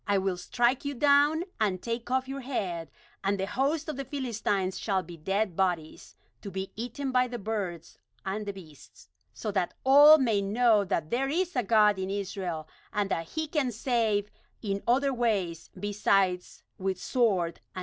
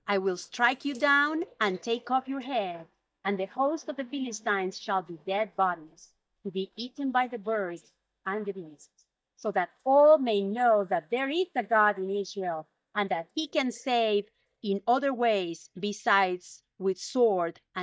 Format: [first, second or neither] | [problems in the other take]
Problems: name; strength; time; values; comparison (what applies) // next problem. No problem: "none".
first | noise reduction (neural mask model DeepFilterNet 3)